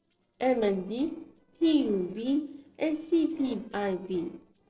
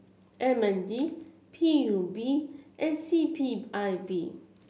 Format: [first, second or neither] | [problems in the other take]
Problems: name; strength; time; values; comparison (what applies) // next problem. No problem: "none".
second | noise reduction (neural separator model SepFormer DNS4)